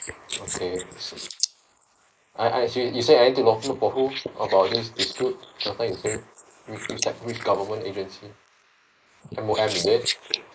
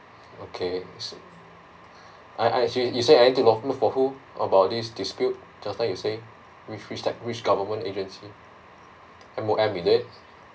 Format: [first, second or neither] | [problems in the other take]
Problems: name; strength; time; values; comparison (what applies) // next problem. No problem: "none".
second | noise reduction (neural mask model Resemble Enhance denoiser)